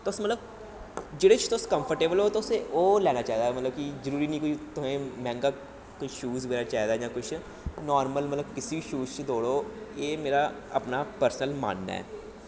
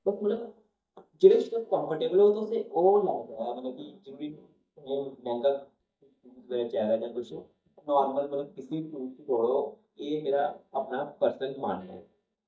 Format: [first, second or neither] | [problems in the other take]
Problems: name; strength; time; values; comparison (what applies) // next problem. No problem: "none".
first | noise reduction (neural mask model DeepFilterNet 3)